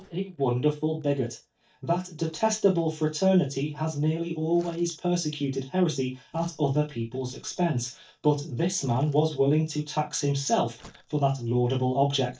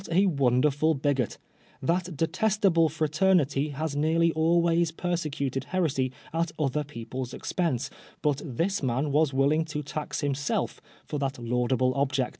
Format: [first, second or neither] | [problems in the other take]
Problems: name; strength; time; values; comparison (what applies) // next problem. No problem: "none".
second | noise reduction (neural mask model DeepFilterNet 3)